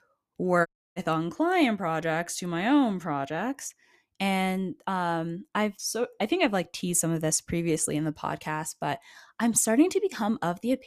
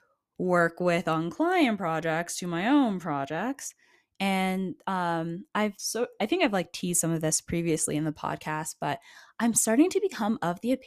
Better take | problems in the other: second | audio cutting out; at 0.5 s

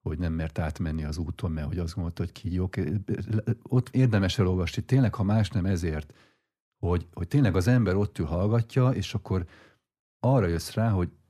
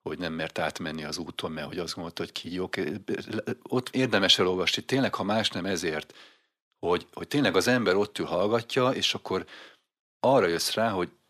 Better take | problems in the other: first | thin; somewhat; fading below 350 Hz

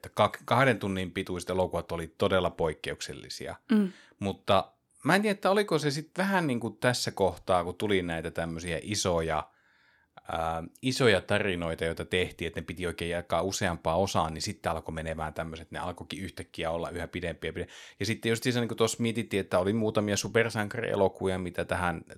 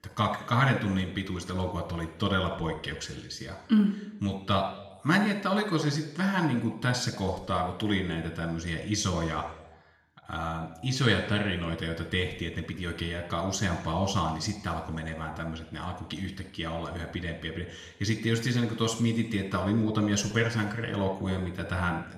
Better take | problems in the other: first | room echo; slight; dies away in 0.8 s // off-mic speech; somewhat distant

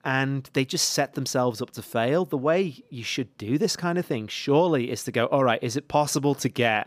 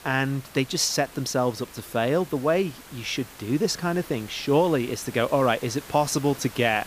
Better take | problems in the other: first | hiss; noticeable; throughout; 20 dB below the speech

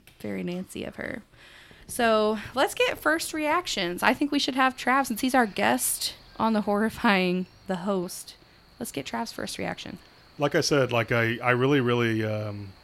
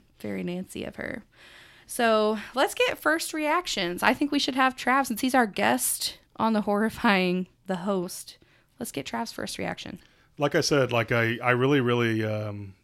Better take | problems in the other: second | animal sounds; faint; throughout; 30 dB below the speech

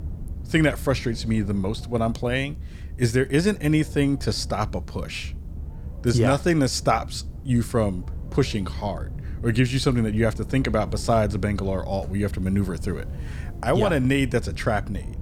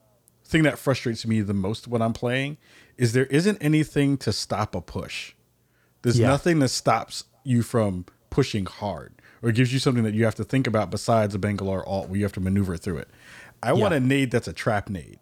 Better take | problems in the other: second | low rumble; faint; throughout; 20 dB below the speech

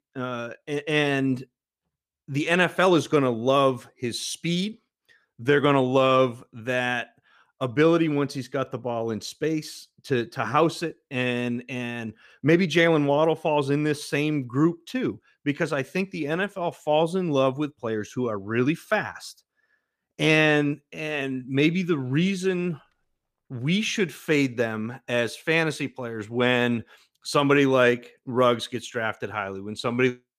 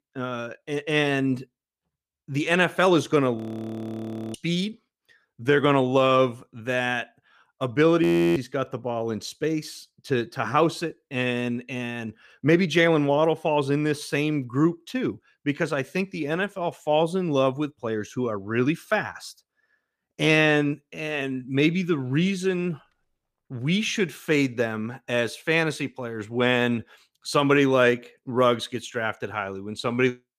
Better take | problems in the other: first | audio freezing; at 3.5 s for 1 s and at 8 s

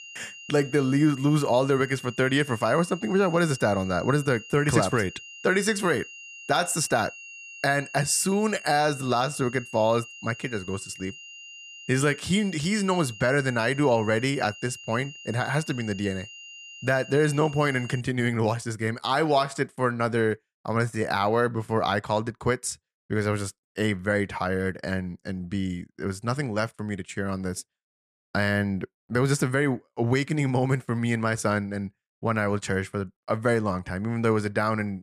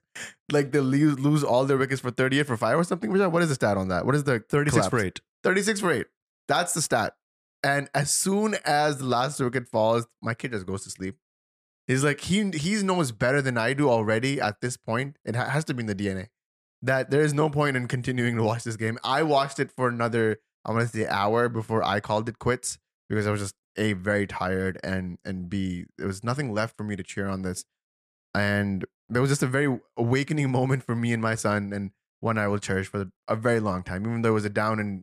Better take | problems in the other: second | high-pitched whine; noticeable; until 18 s; 3 kHz, 15 dB below the speech

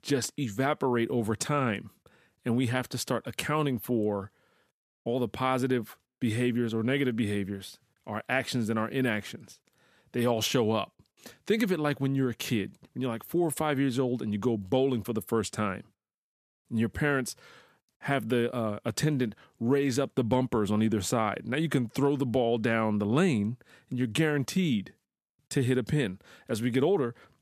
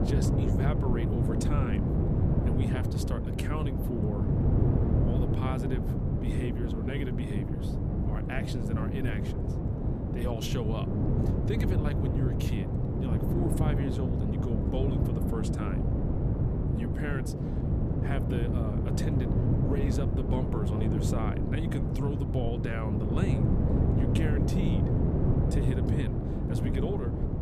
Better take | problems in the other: first | wind noise on the microphone; heavy; 2 dB above the speech

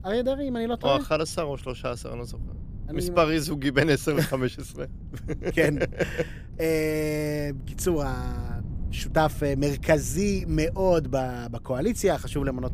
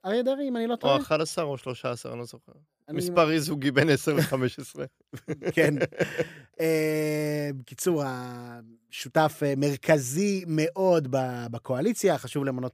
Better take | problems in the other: second | wind noise on the microphone; occasional gusts; 25 dB below the speech

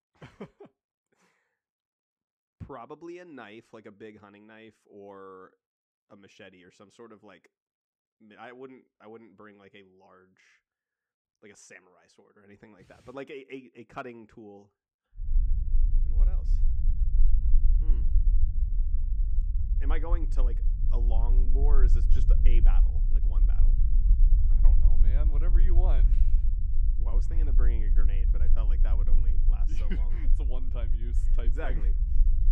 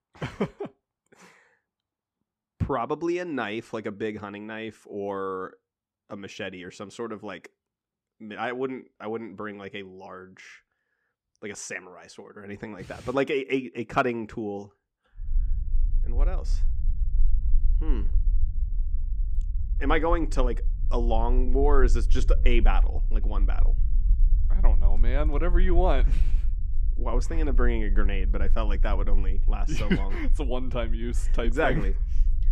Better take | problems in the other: second | low rumble; loud; from 15 s on; 6 dB below the speech; faint in the second

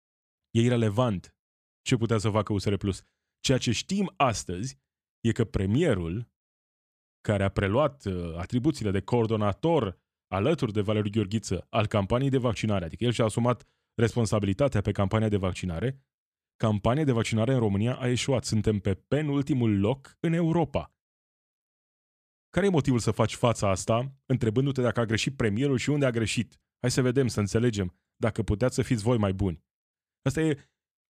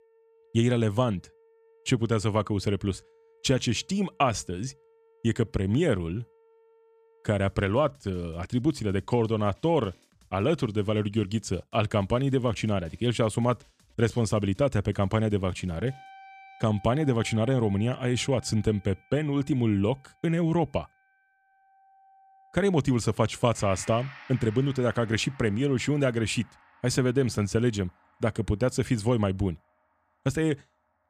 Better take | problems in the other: first | background music; faint; throughout; 25 dB below the speech

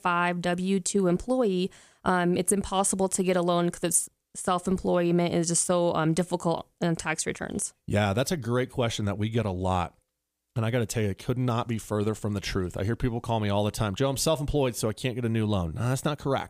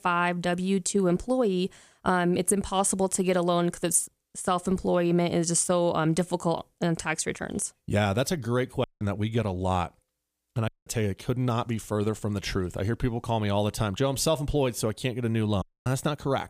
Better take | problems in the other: first | audio cutting out; at 9 s, at 11 s and at 16 s

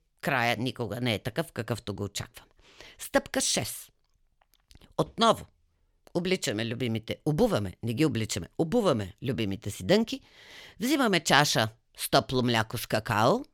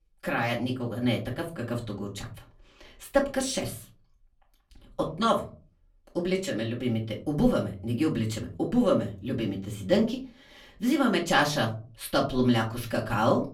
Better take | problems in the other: first | off-mic speech; far // room echo; very slight; dies away in 0.4 s

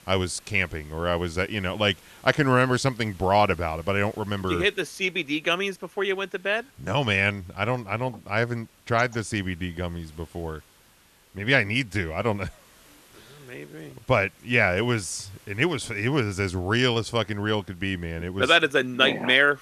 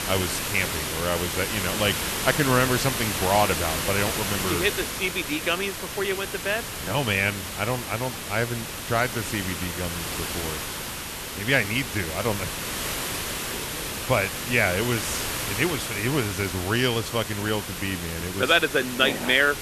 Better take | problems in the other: first | hiss; loud; throughout; 3 dB below the speech; faint in the first

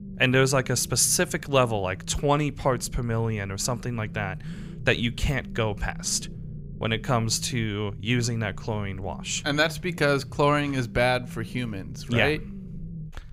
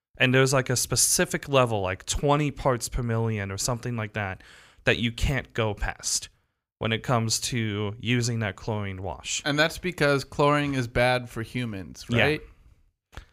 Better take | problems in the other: second | low rumble; faint; throughout; 25 dB below the speech

